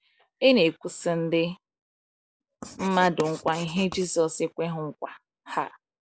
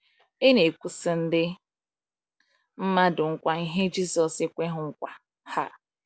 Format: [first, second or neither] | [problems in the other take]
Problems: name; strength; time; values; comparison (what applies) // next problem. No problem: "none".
second | noise reduction (neural mask model Resemble Enhance denoiser)